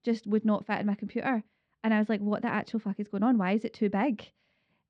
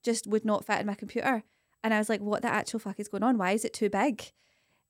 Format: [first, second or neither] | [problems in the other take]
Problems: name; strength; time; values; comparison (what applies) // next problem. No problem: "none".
second | muffled; slightly; fading above 4 kHz